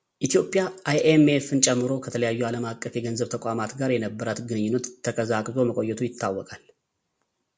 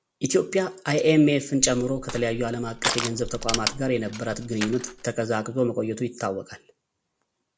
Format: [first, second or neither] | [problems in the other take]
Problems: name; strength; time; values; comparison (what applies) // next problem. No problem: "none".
first | background sound (Crushing); 7 dB below the speech